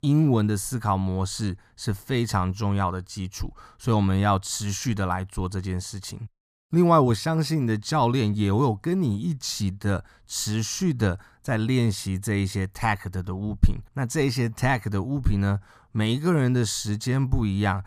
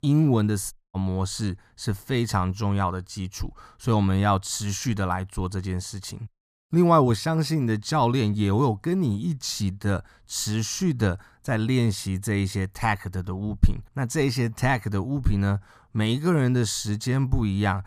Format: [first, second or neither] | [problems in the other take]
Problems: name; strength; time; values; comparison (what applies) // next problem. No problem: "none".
first | audio cutting out; at 0.5 s